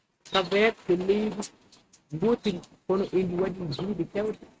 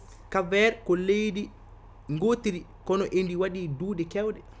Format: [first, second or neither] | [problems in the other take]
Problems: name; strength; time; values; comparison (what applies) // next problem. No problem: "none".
second | noise reduction (neural mask model RNNoise)